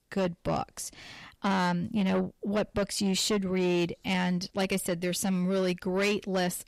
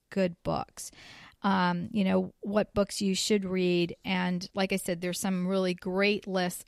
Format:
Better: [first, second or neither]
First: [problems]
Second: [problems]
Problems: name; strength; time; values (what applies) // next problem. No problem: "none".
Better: second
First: distortion; slight; 10 dB below the speech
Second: none